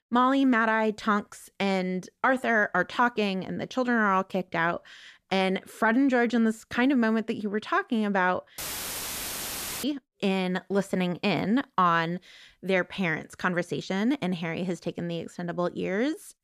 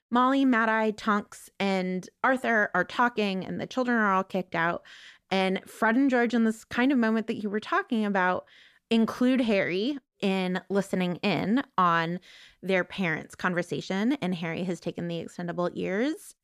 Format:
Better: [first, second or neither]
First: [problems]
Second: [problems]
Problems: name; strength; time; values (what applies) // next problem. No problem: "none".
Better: second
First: audio cutting out; filled with static; at 8.5 s for 1.5 s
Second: none